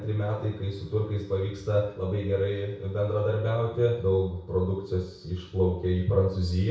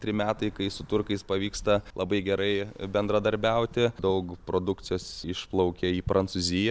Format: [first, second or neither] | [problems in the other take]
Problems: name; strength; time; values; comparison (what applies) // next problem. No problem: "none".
second | room echo; dies away in 0.6 s